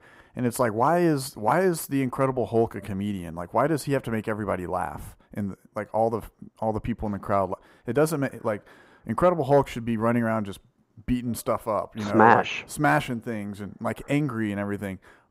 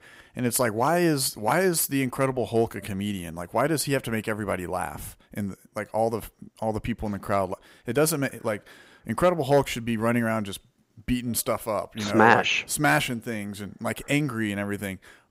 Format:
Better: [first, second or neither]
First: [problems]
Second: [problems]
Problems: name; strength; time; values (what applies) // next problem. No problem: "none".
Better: second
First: muffled; slightly; fading above 2 kHz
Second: none